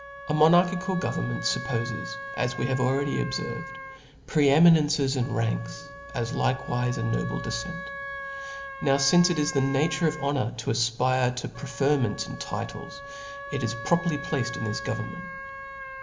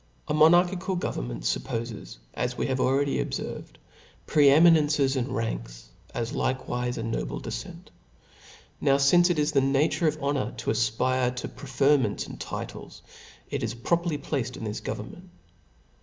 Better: second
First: background sound (Wind instrument, woodwind instrument); 12 dB below the speech // room echo; dies away in 0.8 s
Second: none

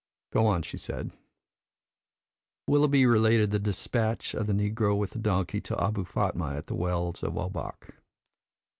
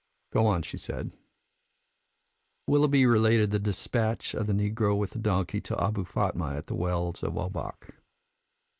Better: first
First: none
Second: noise reduction (neural mask model Resemble Enhance denoiser)

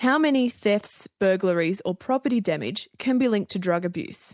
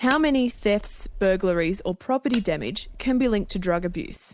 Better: first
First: none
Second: background sound (Cutlery, silverware); 14 dB below the speech

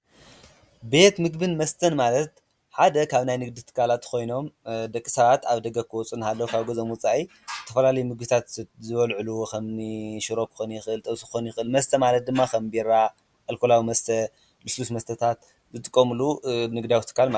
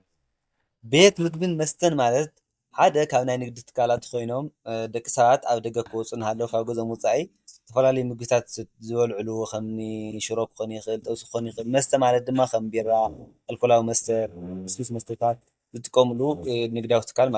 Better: first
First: none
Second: noise reduction (neural mask model DeepFilterNet 3)

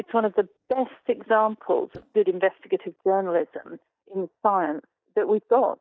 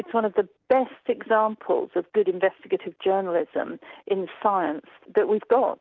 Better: second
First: noise reduction (neural mask model DeepFilterNet 3)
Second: none

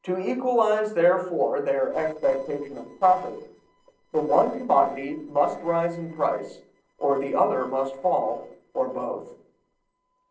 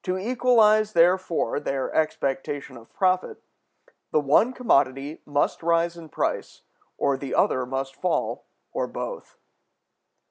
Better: second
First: noise reduction (neural separator model SepFormer DNS4)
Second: none

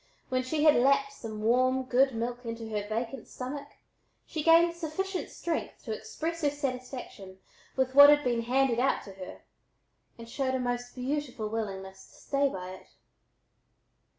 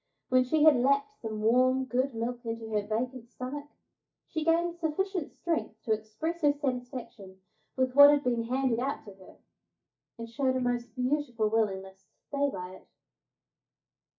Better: first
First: none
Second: noise reduction (neural mask model DeepFilterNet 3)

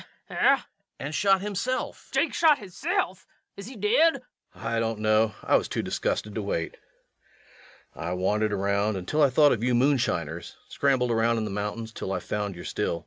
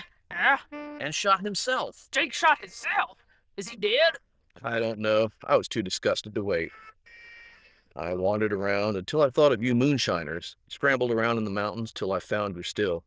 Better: first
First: none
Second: noise reduction (neural diffusion model UNIVERSE++)

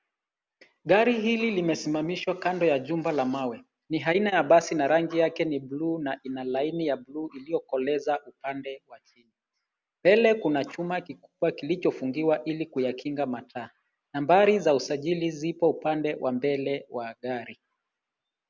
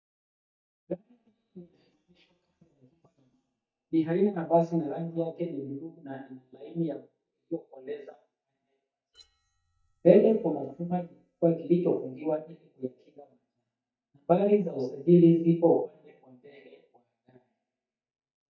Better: first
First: none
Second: noise reduction (neural mask model DeepFilterNet 3)

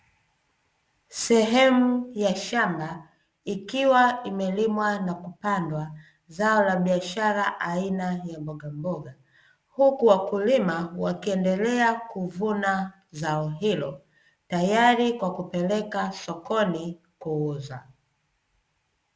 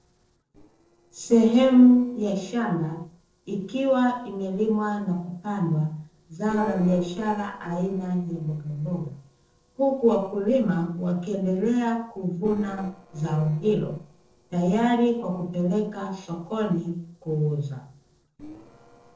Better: first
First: none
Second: noise reduction (neural separator model SepFormer DNS4)

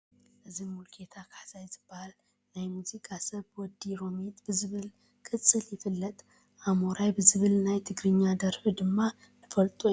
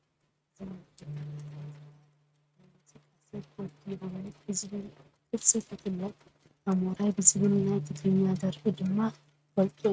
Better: first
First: none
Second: noise reduction (neural mask model RNNoise)

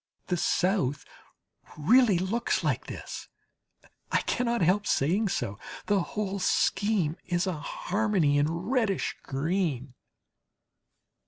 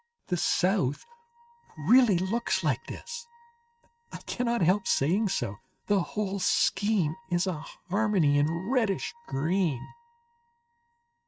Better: first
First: none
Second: noise reduction (neural mask model RNNoise)

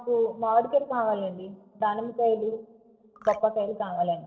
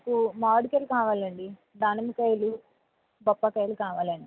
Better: second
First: noise reduction (neural separator model SepFormer DNS4)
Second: none

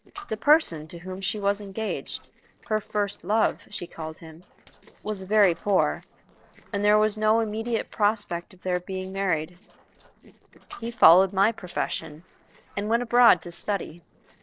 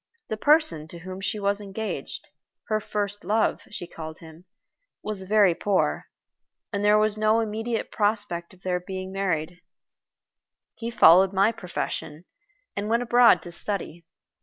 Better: second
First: noise reduction (neural separator model SepFormer DNS4)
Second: none

